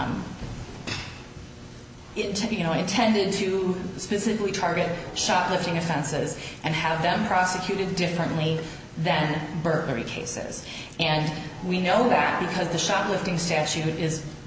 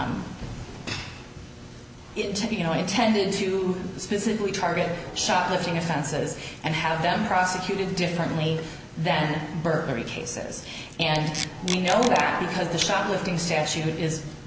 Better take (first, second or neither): first